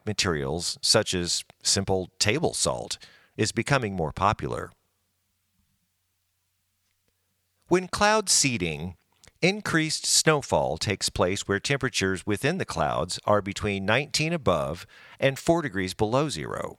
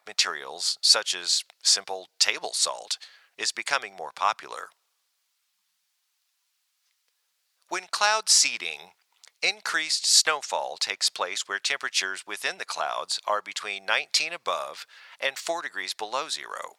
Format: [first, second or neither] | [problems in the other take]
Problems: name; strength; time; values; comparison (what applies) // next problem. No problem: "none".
first | thin; very; fading below 950 Hz